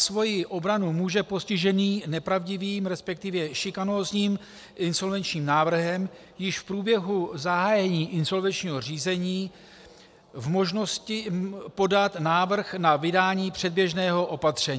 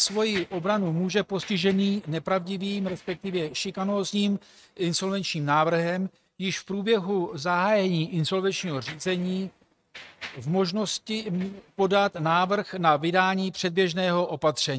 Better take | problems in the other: first | noise reduction (neural mask model RNNoise)

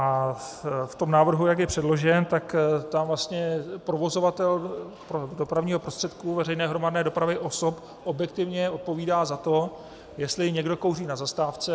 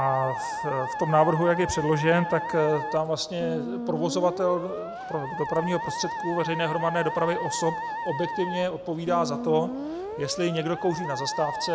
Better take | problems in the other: first | background sound (Musical instrument); 6 dB below the speech

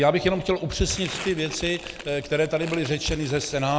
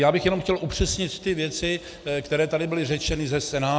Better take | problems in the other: second | background sound (Crumpling, crinkling); 16 dB below the speech

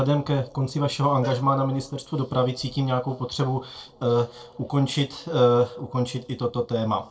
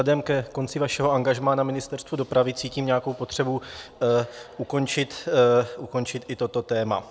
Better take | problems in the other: second | noise reduction (neural separator model SepFormer DNS4)

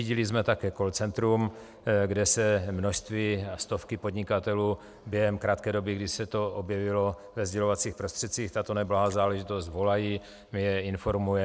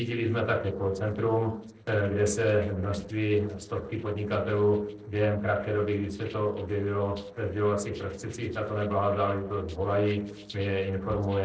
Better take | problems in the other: first | noise reduction (neural separator model SepFormer DNS4)

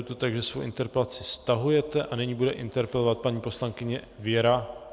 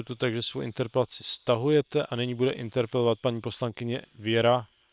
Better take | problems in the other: first | noise reduction (neural separator model SepFormer WHAM!)

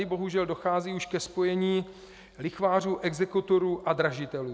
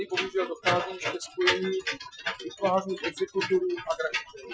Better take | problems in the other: first | noise reduction (classical method Wiener filter)

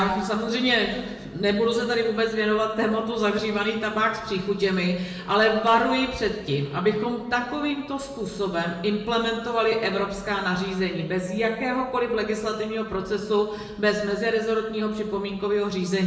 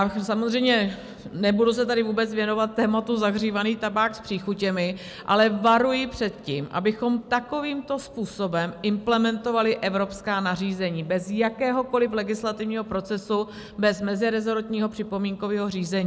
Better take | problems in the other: second | room echo; dies away in 0.9 s

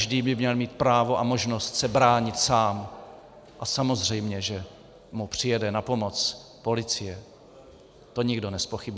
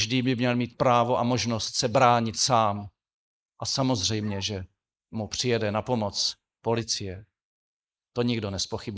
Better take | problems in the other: first | noise reduction (neural mask model Resemble Enhance denoiser)

